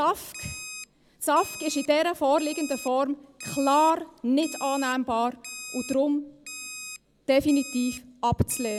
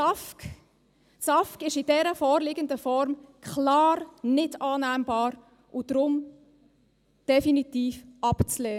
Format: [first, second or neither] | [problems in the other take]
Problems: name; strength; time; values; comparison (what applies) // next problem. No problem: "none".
second | background sound (Alarm); 15 dB below the speech